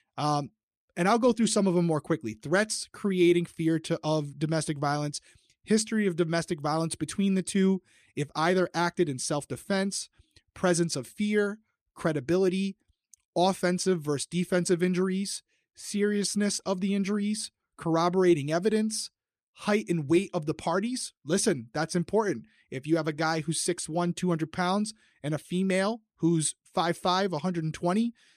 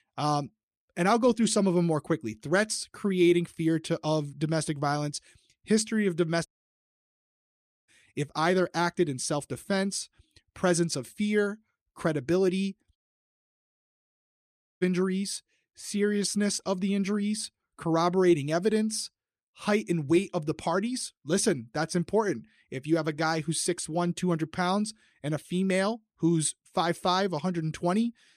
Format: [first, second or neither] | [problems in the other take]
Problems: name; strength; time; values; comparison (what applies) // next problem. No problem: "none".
first | audio cutting out; at 6.5 s for 1.5 s and at 13 s for 2 s